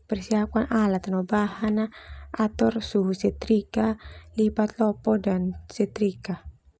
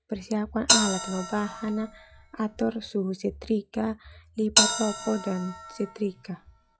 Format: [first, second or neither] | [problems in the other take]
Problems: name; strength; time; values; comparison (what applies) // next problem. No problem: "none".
first | noise reduction (classical method log-MMSE)